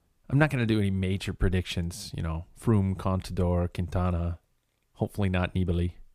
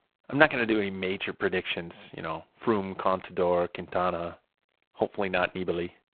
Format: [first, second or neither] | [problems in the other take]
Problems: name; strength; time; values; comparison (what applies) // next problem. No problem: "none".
first | phone-call audio; poor line; nothing above 3.5 kHz